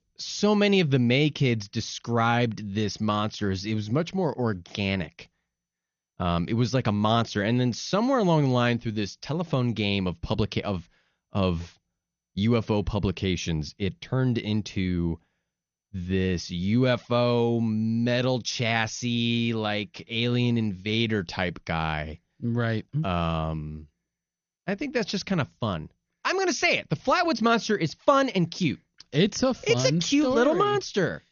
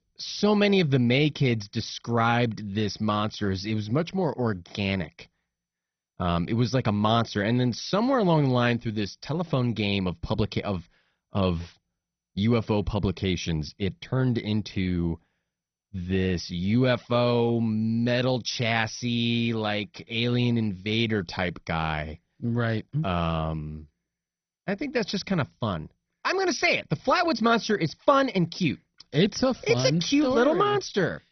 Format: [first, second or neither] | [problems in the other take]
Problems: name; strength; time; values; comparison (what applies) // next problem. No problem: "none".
first | garbled, watery; badly; nothing above 6 kHz; slightly in the first